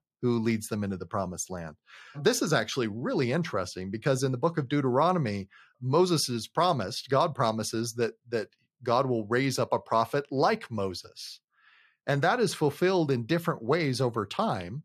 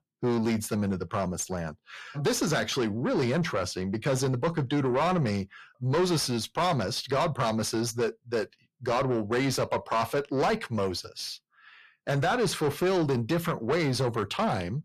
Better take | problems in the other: first | distortion; heavy; 8 dB below the speech

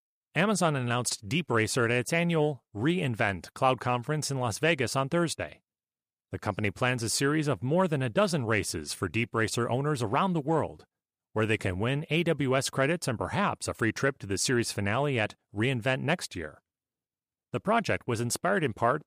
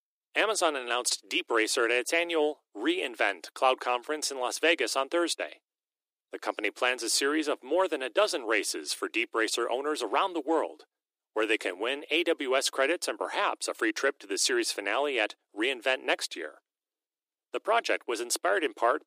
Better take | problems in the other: first | thin; very; fading below 300 Hz

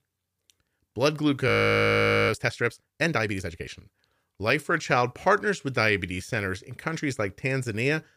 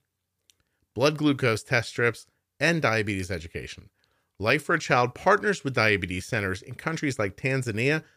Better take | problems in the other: second | audio freezing; at 1.5 s for 1 s

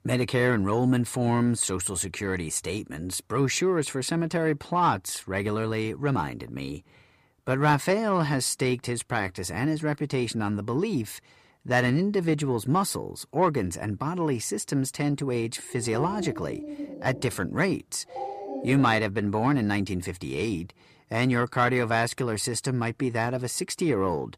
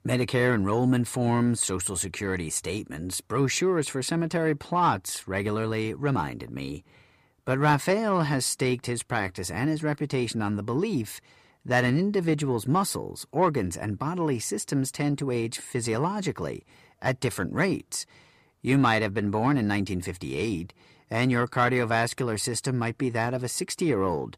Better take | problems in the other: second | dog barking; noticeable; from 16 to 19 s; peak 8 dB below the speech

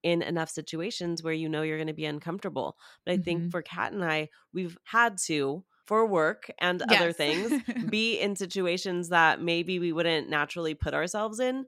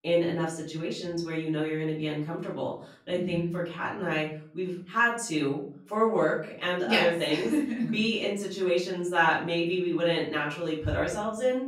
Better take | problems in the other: first | off-mic speech; far // room echo; slight; dies away in 0.5 s

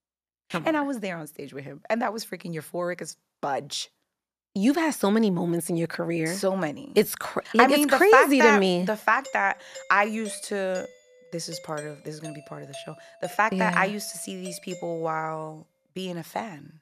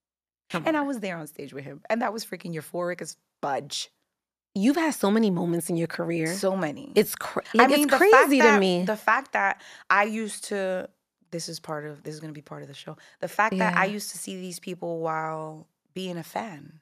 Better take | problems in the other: second | doorbell; faint; from 9 to 15 s; peak 15 dB below the speech

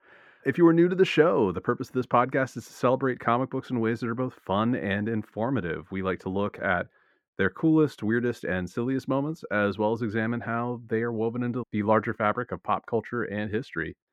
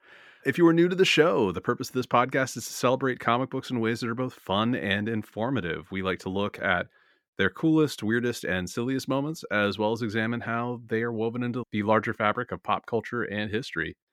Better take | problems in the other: second | muffled; slightly; fading above 2.5 kHz

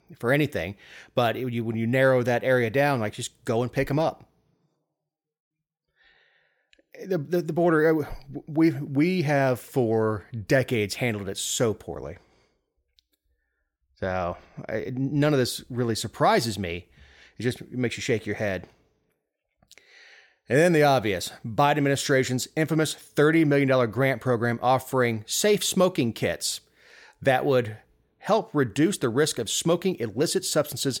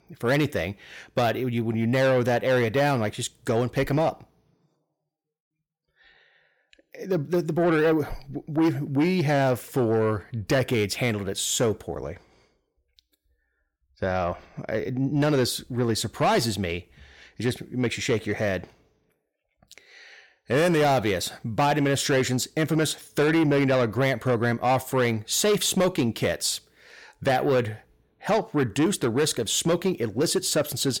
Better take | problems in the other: first | distortion; slight; 10 dB below the speech

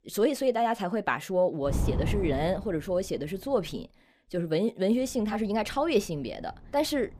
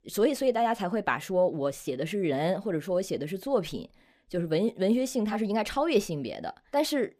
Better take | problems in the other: second | wind noise on the microphone; occasional gusts; from 1.5 to 4 s and from 5 s on; 10 dB below the speech

